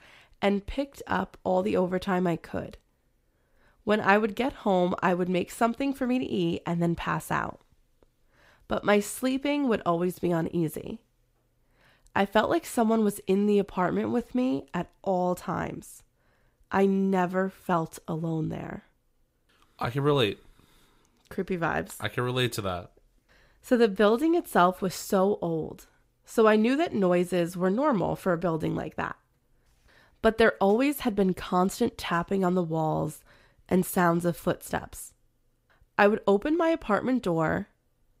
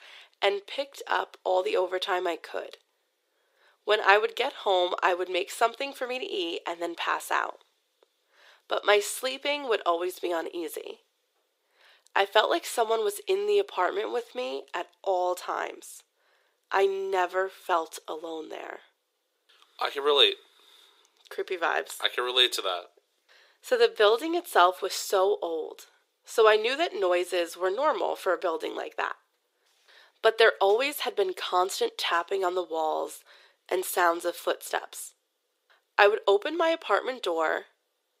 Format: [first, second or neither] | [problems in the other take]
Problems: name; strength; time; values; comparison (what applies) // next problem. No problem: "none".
first | thin; very; fading below 400 Hz